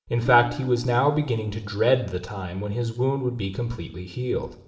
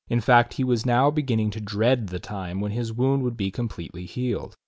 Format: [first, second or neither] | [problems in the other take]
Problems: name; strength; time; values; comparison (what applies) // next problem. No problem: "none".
second | background sound (Electric guitar / Strum); 16 dB below the speech // room echo; dies away in 1.3 s